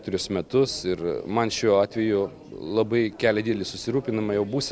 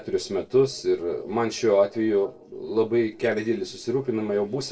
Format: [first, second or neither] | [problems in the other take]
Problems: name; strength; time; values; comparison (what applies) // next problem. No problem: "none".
first | noise reduction (neural separator model SepFormer DNS4)